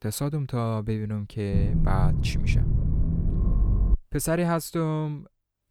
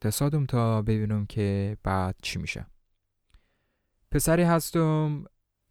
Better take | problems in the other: second | low rumble; loud; from 1.5 to 4 s; 7 dB below the speech

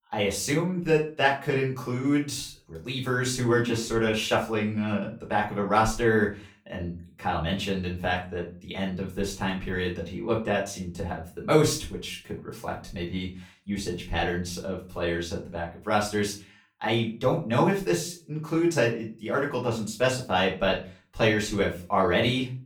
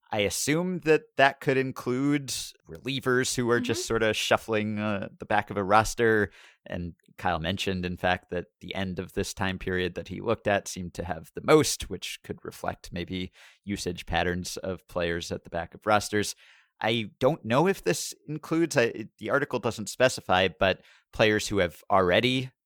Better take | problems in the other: second | off-mic speech; far // room echo; slight; dies away in 0.3 s

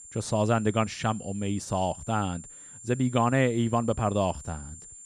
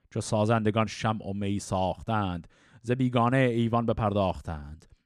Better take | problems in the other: second | high-pitched whine; noticeable; throughout; 7.5 kHz, 15 dB below the speech

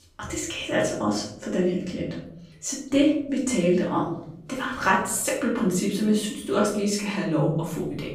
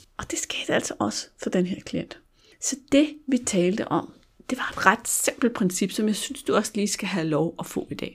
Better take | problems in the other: second | off-mic speech; far // room echo; noticeable; dies away in 0.9 s

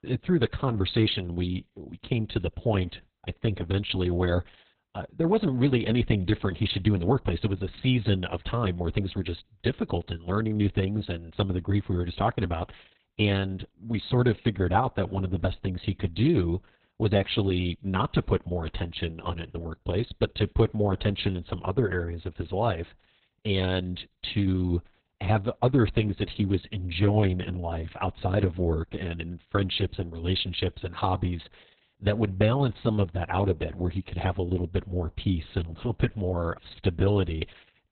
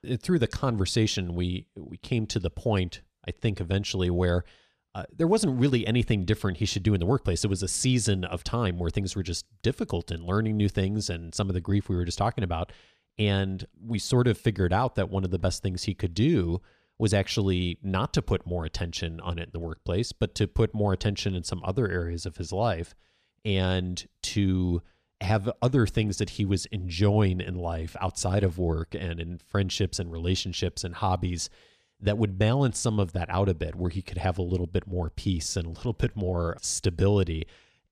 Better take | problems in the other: second | garbled, watery; badly; nothing above 4 kHz

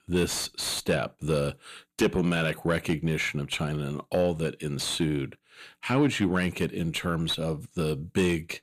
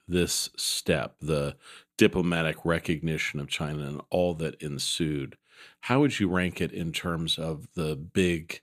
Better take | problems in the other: second | distortion; slight; 10 dB below the speech

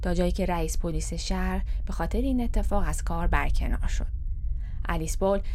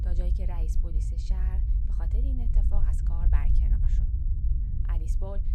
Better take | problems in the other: first | low rumble; loud; throughout; 1 dB below the speech; faint in the first

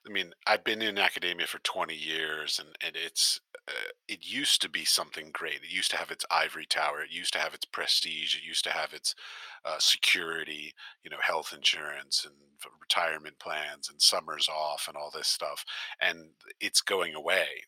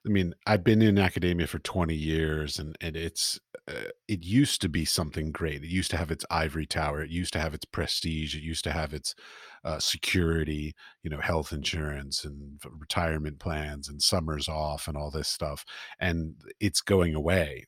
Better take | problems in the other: second | thin; very; fading below 800 Hz

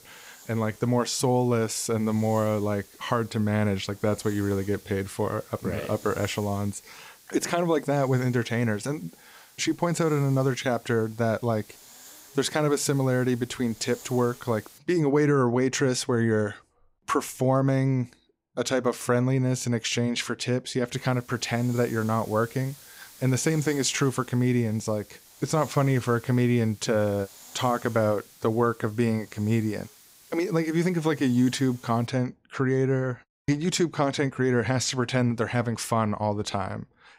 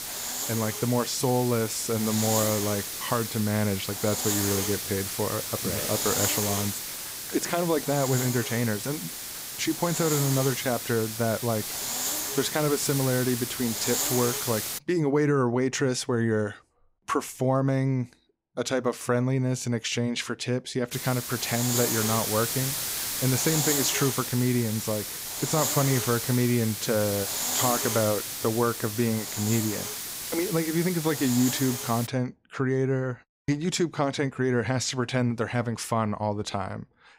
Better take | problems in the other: first | hiss; loud; until 15 s and from 21 to 32 s; 2 dB below the speech; faint in the first

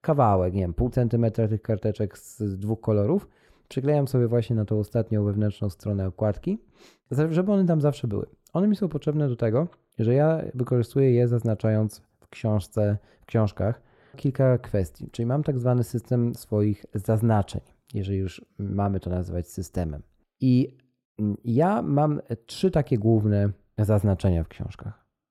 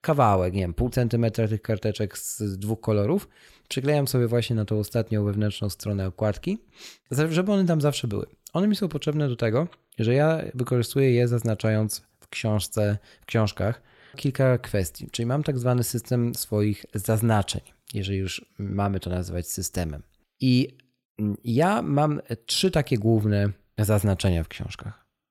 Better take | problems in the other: second | muffled; slightly; fading above 1.5 kHz

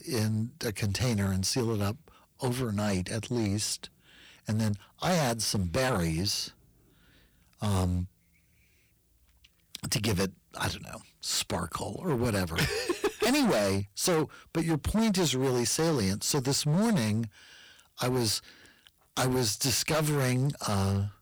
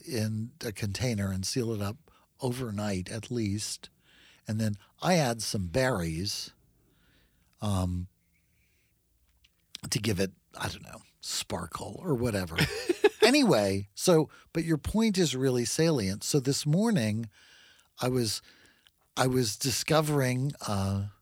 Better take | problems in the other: second | distortion; heavy; 12% of the sound clipped

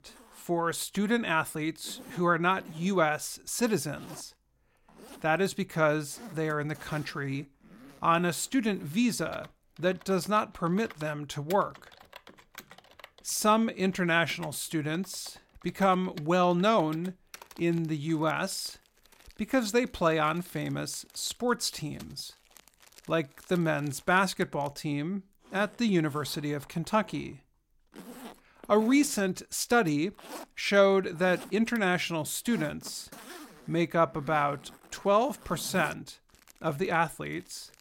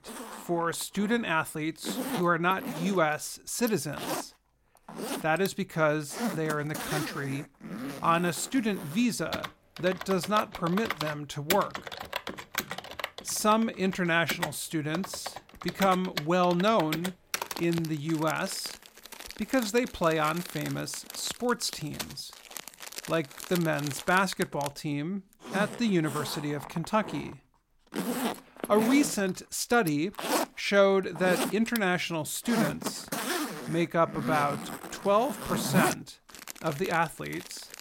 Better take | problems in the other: first | household noises; loud; throughout; 8 dB below the speech; faint in the first

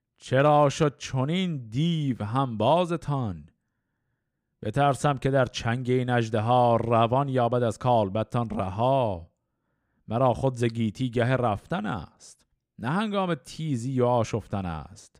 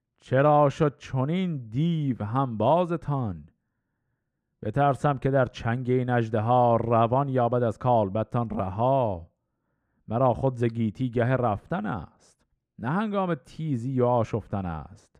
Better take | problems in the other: first | muffled; slightly; fading above 2.5 kHz

